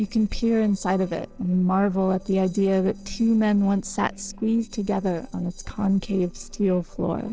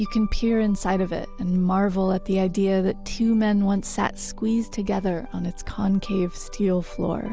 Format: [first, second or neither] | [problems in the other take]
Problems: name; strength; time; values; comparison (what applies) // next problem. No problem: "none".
second | noise reduction (neural separator model SepFormer DNS4)